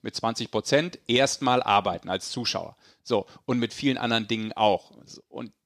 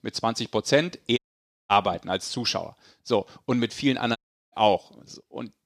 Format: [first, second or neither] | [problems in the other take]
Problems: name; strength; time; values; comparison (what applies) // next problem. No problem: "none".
first | audio cutting out; at 1 s for 0.5 s and at 4 s